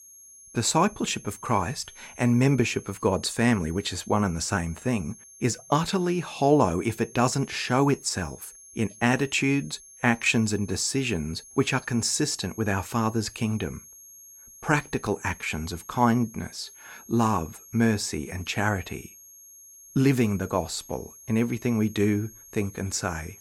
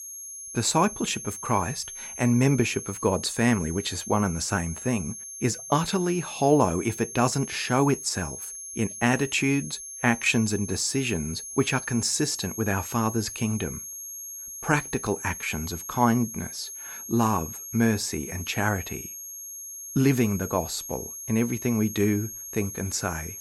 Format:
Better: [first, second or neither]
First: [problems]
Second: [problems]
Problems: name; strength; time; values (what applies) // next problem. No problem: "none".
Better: first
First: high-pitched whine; faint; throughout; 6.5 kHz, 20 dB below the speech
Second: high-pitched whine; loud; throughout; 6.5 kHz, 10 dB below the speech